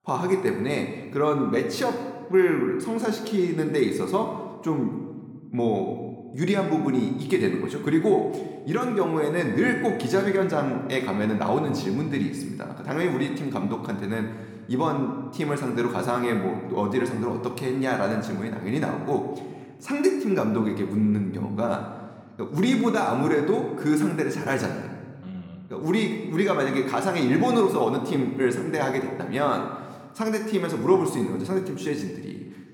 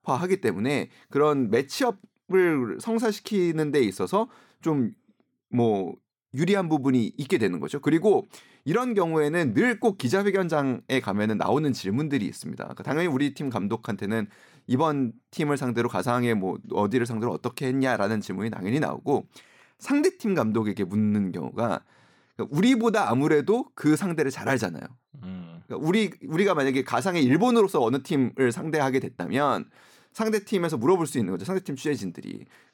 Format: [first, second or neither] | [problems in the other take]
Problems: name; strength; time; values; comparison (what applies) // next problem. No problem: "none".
second | room echo; slight; dies away in 1.1 s